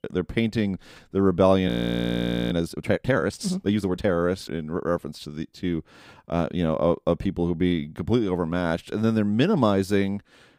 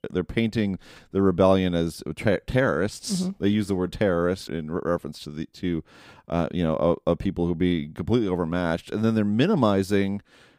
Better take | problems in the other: second | audio freezing; at 1.5 s for 1 s

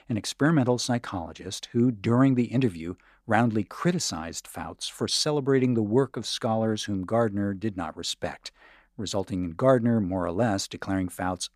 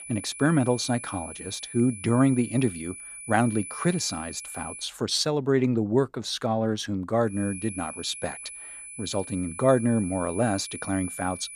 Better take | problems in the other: first | high-pitched whine; noticeable; until 5 s and from 7.5 s on; 10 kHz, 10 dB below the speech

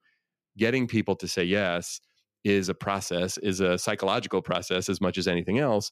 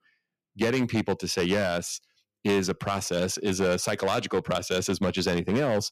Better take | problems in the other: first | distortion; slight; 7% of the sound clipped

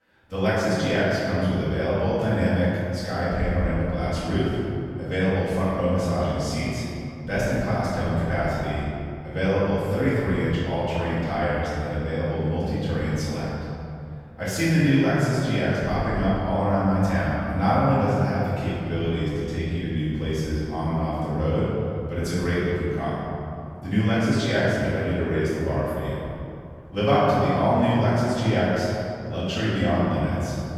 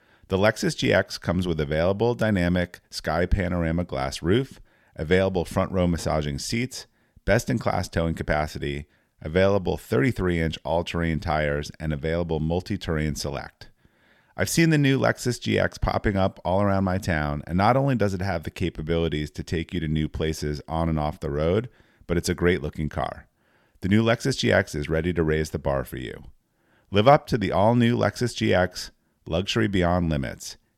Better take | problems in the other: second | room echo; strong; dies away in 2.6 s // off-mic speech; far

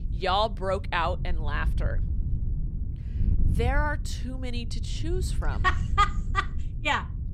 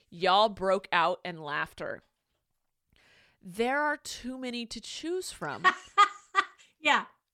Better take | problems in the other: second | wind noise on the microphone; occasional gusts; 20 dB below the speech

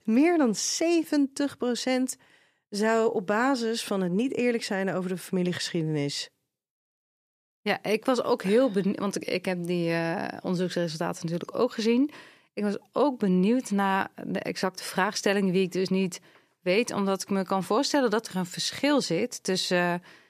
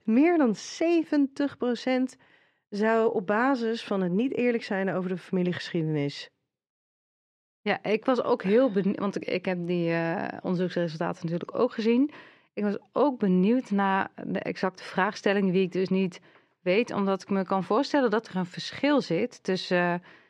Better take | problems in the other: first | muffled; slightly; fading above 3 kHz

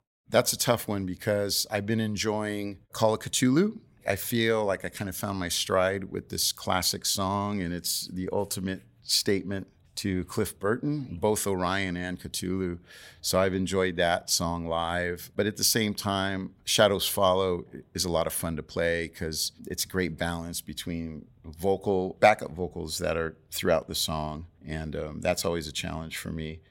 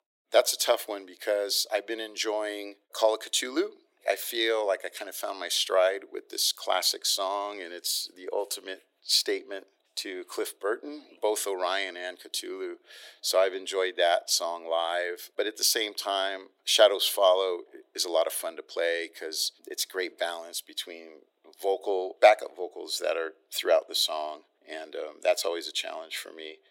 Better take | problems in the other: first | thin; very; fading below 350 Hz

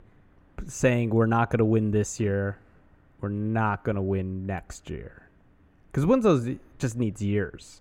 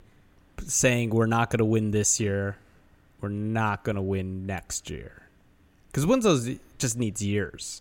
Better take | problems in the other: second | muffled; slightly; fading above 2.5 kHz

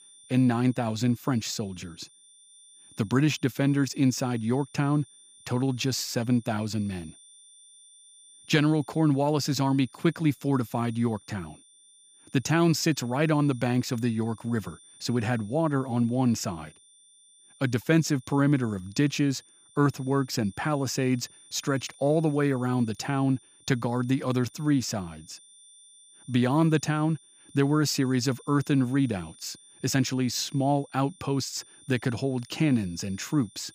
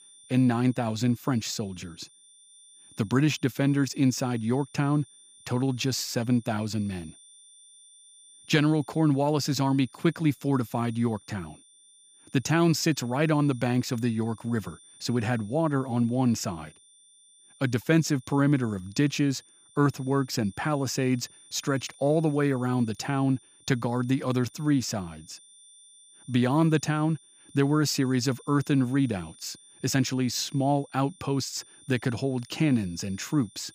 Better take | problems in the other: neither | high-pitched whine; faint; throughout; 9 kHz, 25 dB below the speech; the same in both

